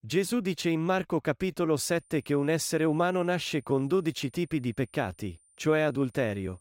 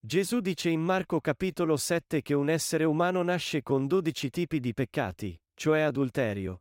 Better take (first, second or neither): second